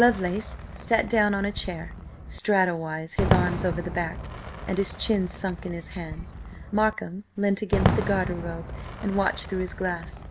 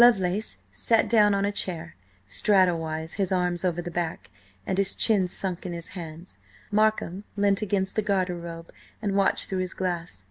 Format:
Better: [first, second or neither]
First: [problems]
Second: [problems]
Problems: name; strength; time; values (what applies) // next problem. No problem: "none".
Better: second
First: background sound (Fireworks); 4 dB below the speech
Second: none